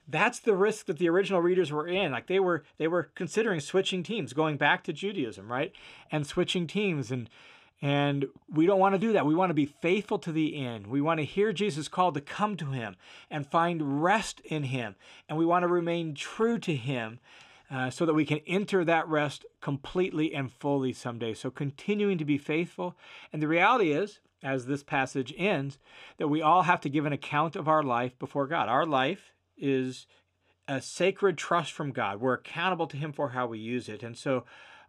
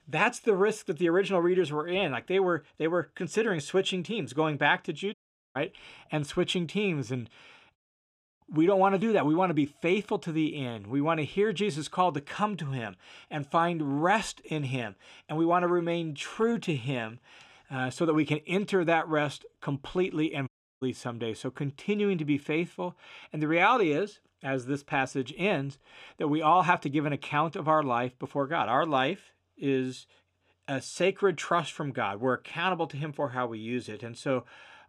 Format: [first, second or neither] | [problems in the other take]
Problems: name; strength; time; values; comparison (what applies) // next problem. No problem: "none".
first | audio cutting out; at 5 s, at 8 s for 0.5 s and at 20 s